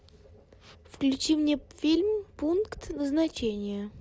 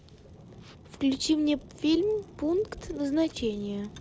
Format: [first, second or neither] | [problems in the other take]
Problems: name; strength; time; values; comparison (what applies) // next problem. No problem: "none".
first | background sound (Fire); 20 dB below the speech